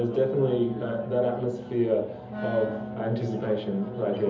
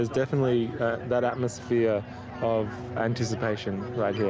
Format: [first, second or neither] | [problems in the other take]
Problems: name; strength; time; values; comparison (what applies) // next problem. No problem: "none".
second | background sound (Wind instrument, woodwind instrument); 12 dB below the speech // room echo; dies away in 0.7 s